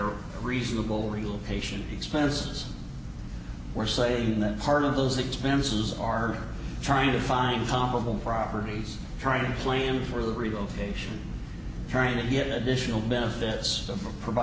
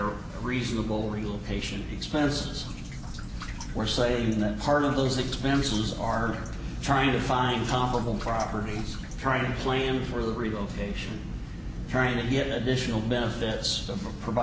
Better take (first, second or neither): first